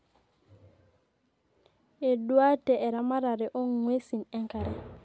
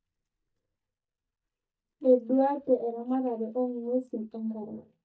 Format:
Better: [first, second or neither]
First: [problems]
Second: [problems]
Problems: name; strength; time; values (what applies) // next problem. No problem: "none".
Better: first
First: none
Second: noise reduction (neural mask model DeepFilterNet 3)